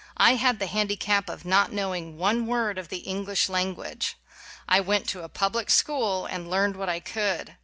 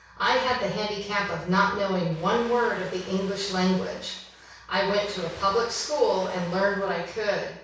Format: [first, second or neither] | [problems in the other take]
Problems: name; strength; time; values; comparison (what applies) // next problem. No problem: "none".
first | background sound (Ocean); 19 dB below the speech // room echo; dies away in 0.6 s